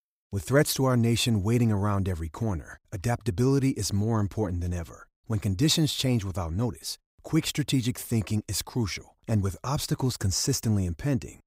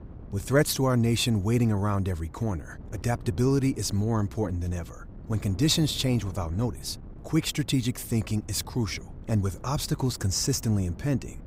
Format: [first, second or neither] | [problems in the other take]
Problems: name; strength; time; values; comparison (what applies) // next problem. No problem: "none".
first | wind noise on the microphone; occasional gusts; 20 dB below the speech